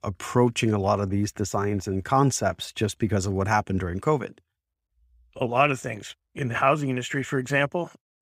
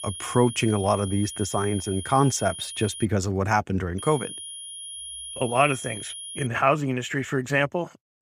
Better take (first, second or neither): first